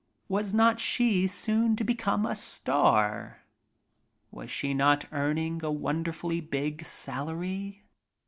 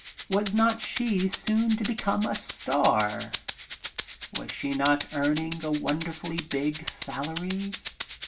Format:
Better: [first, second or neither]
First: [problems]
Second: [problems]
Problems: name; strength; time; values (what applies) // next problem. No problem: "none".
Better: first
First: none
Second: background sound (Rattle (instrument)); 11 dB below the speech // room echo; dies away in 0.2 s